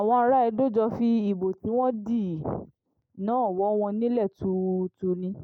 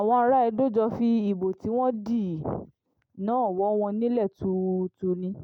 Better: second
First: noise reduction (neural mask model Resemble Enhance denoiser)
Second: none

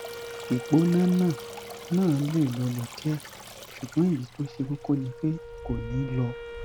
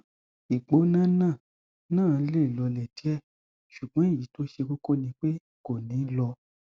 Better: second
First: background sound (Wind instrument, woodwind instrument + Stream); 13 dB below the speech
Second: none

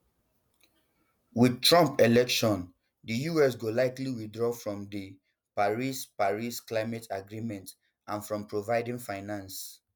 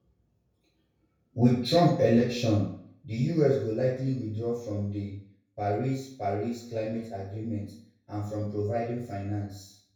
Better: first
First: none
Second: room echo; dies away in 0.6 s

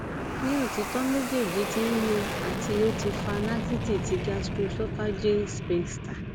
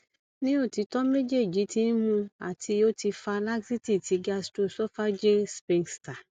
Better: second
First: background sound (Fixed-wing aircraft, airplane); 2 dB below the speech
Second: none

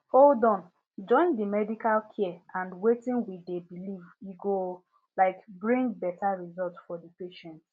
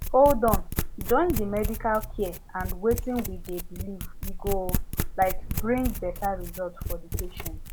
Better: first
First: none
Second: background sound (Domestic sounds, home sounds); 3 dB below the speech

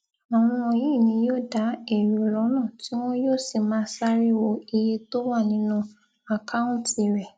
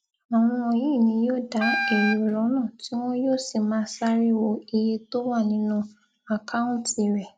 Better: first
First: none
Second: background sound (Wind instrument, woodwind instrument); 4 dB below the speech

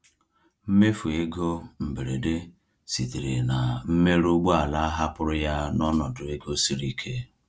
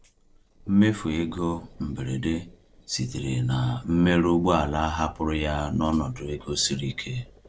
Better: first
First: none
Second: noise reduction (neural separator model SepFormer DNS4)

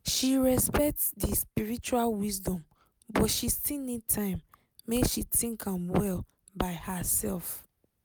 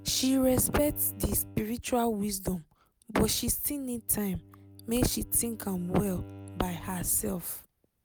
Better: first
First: none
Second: background sound (Bowed string instrument); 19 dB below the speech

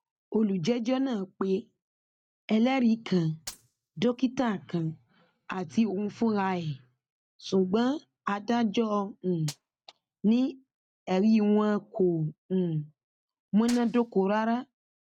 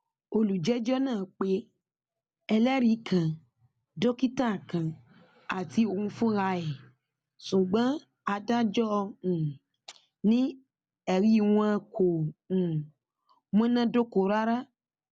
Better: second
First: noise reduction (neural mask model RNNoise)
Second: none

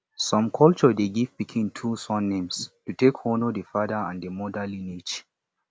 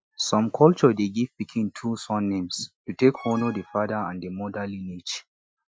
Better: first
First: none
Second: noise reduction (classical method Wiener filter)

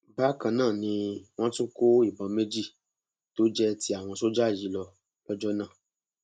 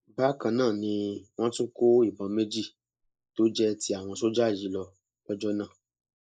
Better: first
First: none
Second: noise reduction (neural mask model Resemble Enhance denoiser)

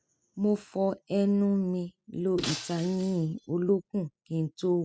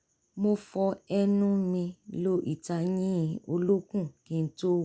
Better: second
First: noise reduction (classical method spectral subtraction)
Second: none

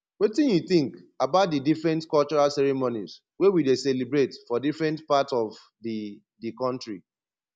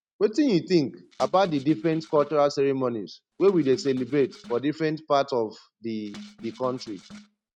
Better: first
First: none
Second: noise reduction (neural mask model RNNoise)

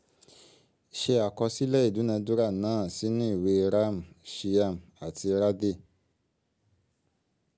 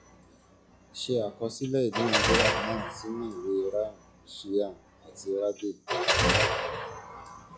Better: first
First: none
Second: noise reduction (classical method log-MMSE)

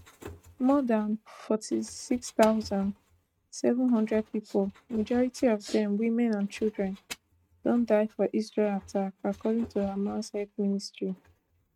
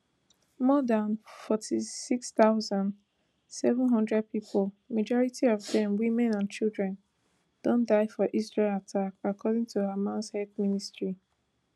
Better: second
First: noise reduction (neural mask model RNNoise)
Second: none

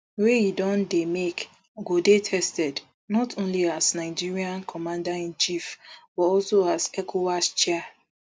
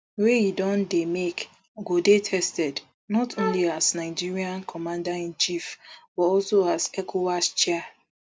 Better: first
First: none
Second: background sound (Wind instrument, woodwind instrument); 7 dB below the speech

